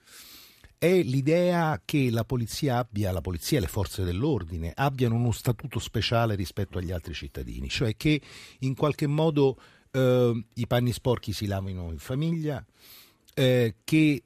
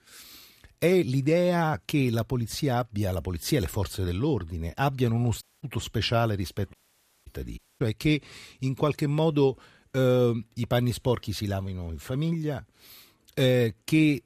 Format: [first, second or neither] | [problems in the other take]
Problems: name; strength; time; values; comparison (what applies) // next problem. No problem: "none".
first | audio cutting out; at 5.5 s, at 6.5 s for 0.5 s and at 7.5 s